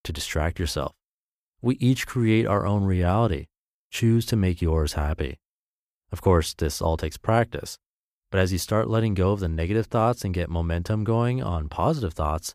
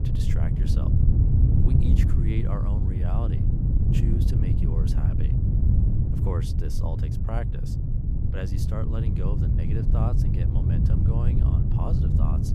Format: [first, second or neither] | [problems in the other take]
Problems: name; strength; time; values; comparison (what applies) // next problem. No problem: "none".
first | wind noise on the microphone; heavy; 3 dB above the speech